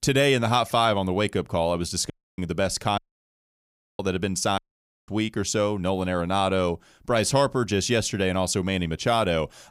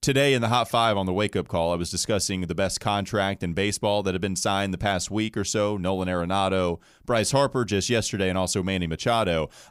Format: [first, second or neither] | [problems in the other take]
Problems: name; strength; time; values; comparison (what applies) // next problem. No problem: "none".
second | audio cutting out; at 2 s, at 3 s for 1 s and at 4.5 s for 0.5 s